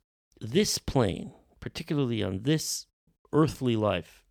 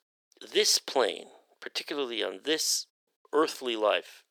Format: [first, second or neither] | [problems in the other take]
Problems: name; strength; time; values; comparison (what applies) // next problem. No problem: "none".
first | thin; very; fading below 400 Hz